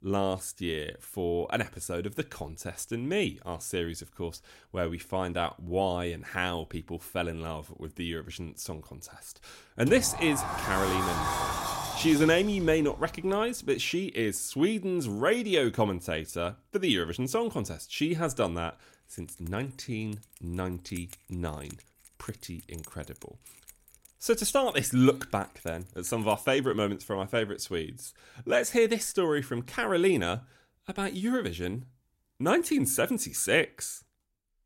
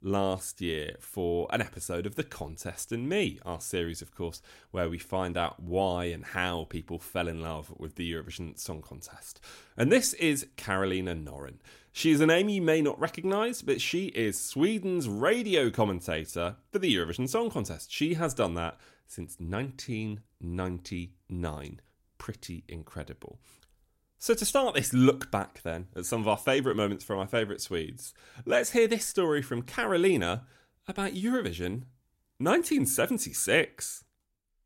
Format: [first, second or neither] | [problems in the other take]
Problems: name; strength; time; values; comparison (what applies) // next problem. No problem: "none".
second | door banging; noticeable; from 10 to 13 s; peak level with the speech // jangling keys; faint; from 19 to 27 s; peak 15 dB below the speech